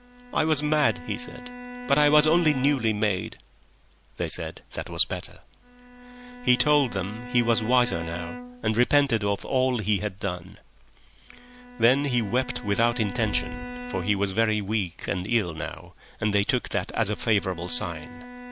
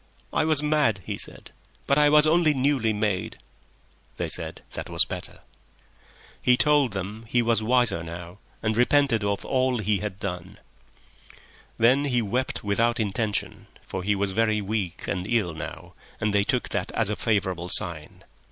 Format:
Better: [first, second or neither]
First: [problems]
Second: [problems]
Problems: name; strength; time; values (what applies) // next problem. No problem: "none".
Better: second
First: background sound (Bowed string instrument + Boom); 13 dB below the speech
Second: none